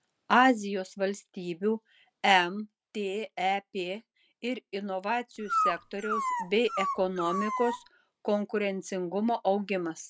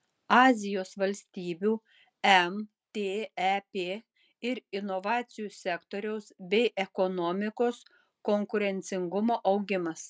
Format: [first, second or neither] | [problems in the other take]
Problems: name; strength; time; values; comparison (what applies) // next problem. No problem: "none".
second | background sound (Dog); 2 dB below the speech